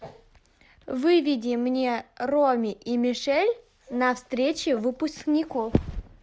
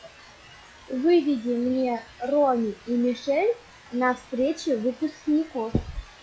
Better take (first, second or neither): first